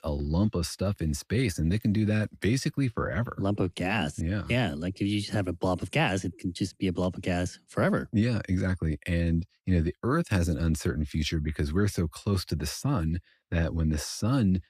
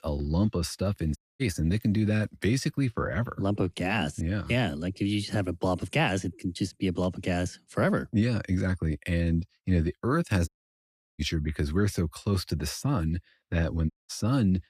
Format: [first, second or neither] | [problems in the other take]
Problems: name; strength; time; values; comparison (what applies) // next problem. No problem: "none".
first | audio cutting out; at 1 s, at 10 s for 0.5 s and at 14 s